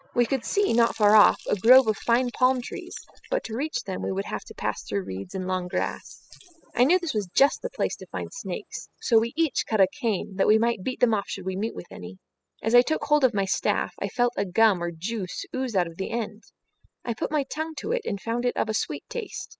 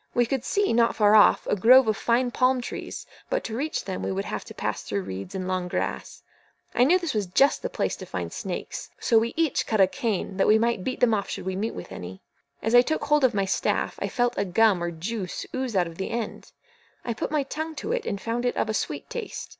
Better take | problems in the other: second | noise reduction (classical method spectral subtraction)

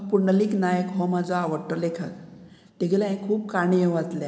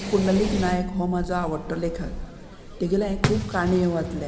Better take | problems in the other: first | background sound (Fireworks); 7 dB below the speech

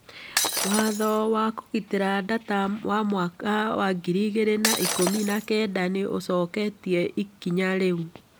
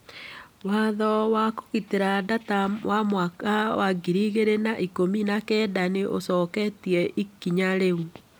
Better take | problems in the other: second | background sound (Shatter); 4 dB below the speech

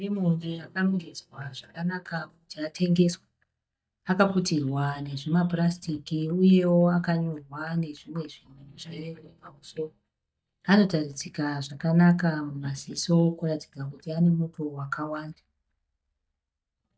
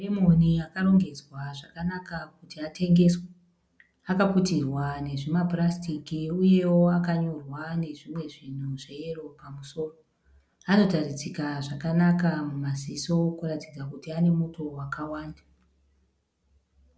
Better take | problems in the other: second | noise reduction (neural mask model DeepFilterNet 3)

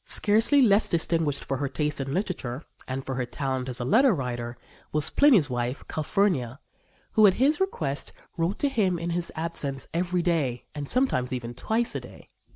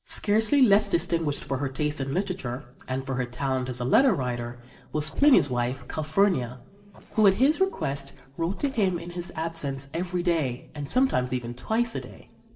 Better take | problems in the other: first | noise reduction (neural separator model SepFormer DNS4)

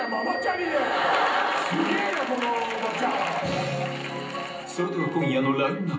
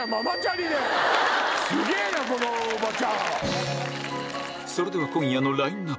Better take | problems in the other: second | room echo; dies away in 0.6 s

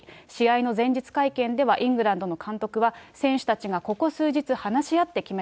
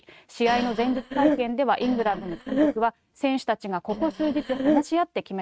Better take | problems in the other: first | noise reduction (neural mask model RNNoise)

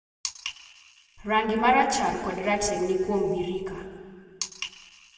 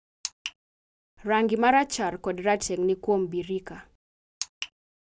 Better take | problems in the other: second | room echo; dies away in 2 s

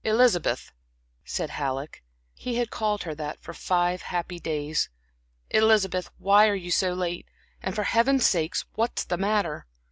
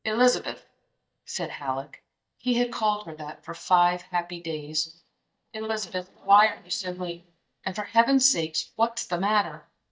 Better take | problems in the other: first | noise reduction (neural mask model DeepFilterNet 3)

